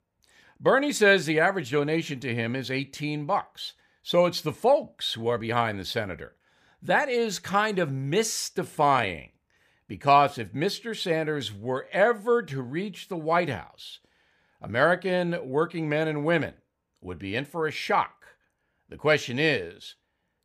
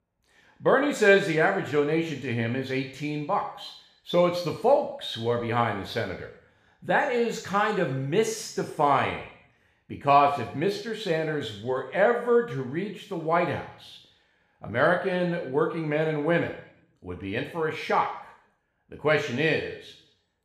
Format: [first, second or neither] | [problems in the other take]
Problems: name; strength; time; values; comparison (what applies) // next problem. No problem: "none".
first | room echo; slight; dies away in 0.7 s // off-mic speech; somewhat distant